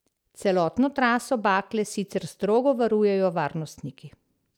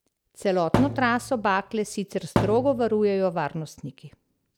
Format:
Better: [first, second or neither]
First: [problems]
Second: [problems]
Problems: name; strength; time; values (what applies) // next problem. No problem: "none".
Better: first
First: none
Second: background sound (Thump, thud); 4 dB below the speech